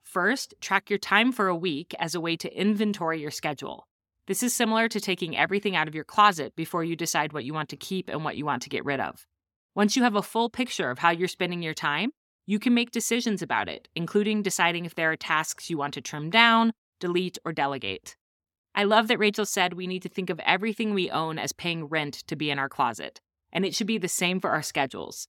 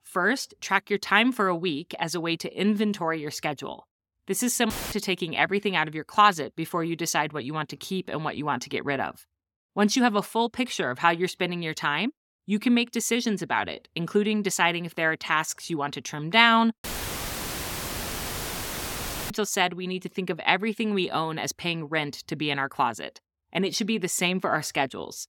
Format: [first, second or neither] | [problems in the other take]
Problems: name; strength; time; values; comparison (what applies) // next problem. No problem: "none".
first | audio cutting out; filled with static; at 4.5 s and at 17 s for 2.5 s